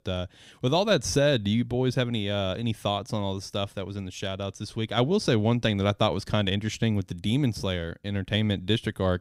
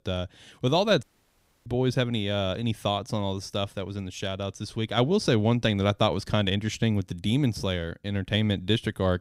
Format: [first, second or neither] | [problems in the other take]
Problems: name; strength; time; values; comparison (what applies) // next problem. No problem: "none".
first | audio cutting out; at 1 s for 0.5 s